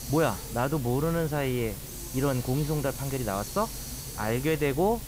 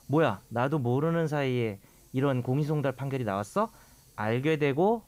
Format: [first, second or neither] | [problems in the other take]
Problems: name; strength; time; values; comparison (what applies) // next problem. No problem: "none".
second | hiss; loud; throughout; 8 dB below the speech; faint in the second